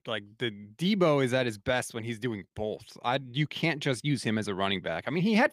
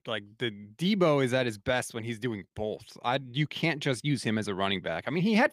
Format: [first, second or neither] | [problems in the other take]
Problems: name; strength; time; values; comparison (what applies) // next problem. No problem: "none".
neither | none